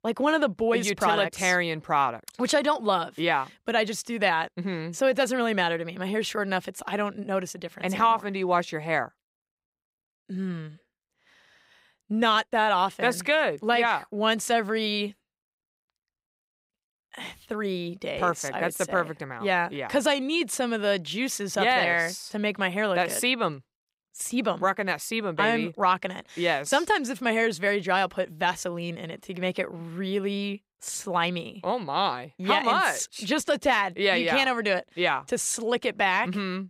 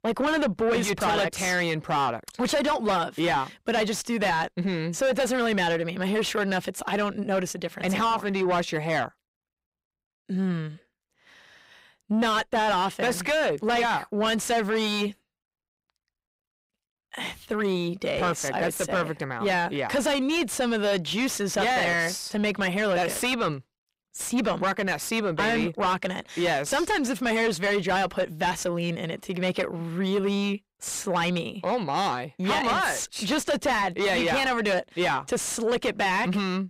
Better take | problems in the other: first | distortion; heavy; 6 dB below the speech

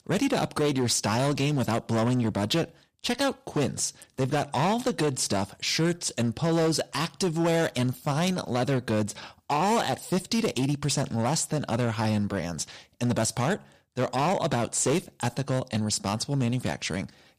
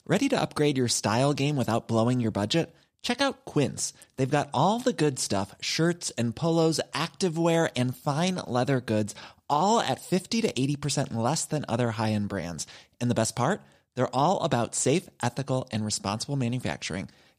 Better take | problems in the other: second | distortion; slight; 11% of the sound clipped

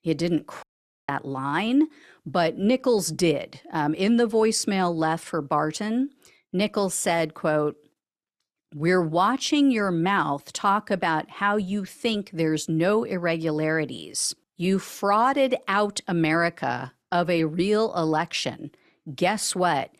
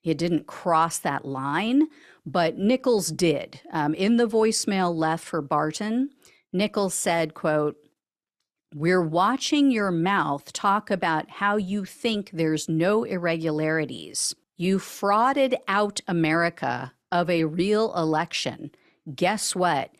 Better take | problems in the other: second | audio cutting out; at 0.5 s

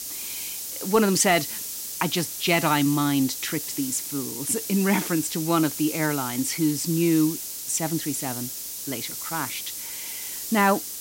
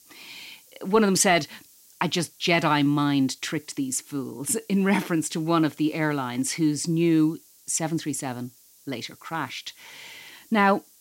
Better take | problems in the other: second | hiss; loud; throughout; 6 dB below the speech; faint in the second

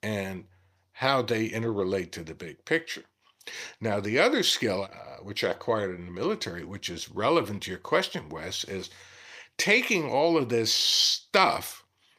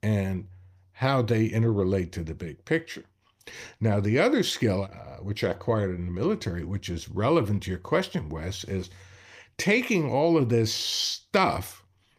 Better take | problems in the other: second | thin; somewhat; fading below 550 Hz

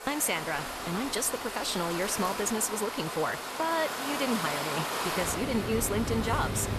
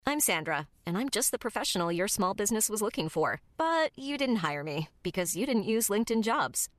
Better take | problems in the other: second | rain or running water; loud; throughout; 3 dB below the speech

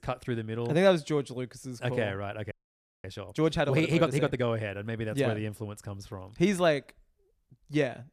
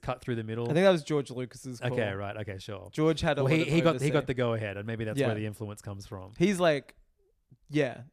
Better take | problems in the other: second | audio freezing; at 2.5 s for 0.5 s

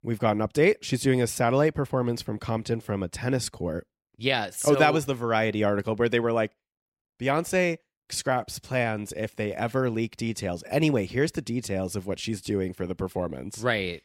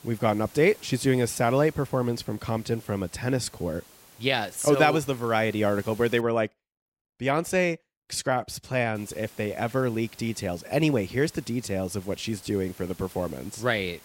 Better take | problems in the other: first | hiss; faint; until 6 s and from 9 s on; 25 dB below the speech

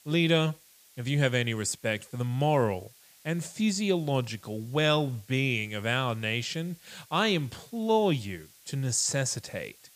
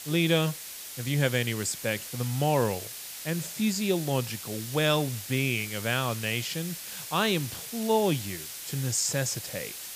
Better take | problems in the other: first | hiss; loud; throughout; 8 dB below the speech; faint in the first

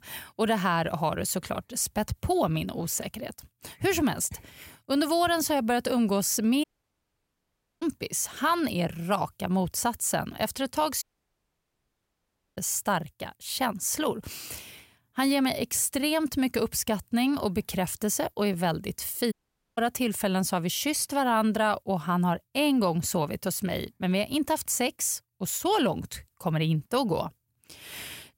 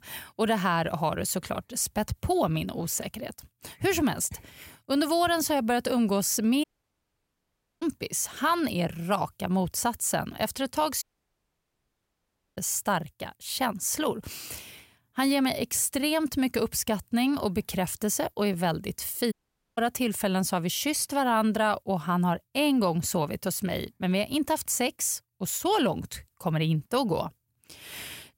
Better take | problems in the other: neither | audio cutting out; at 6.5 s for 1 s, at 11 s for 1.5 s and at 19 s; the same in both

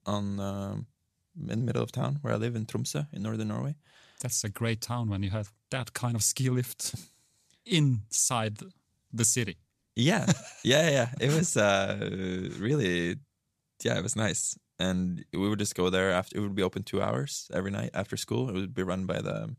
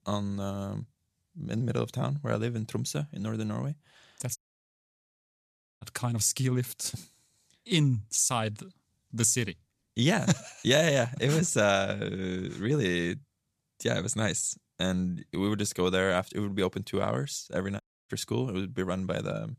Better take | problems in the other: first | audio cutting out; at 4.5 s for 1.5 s and at 18 s

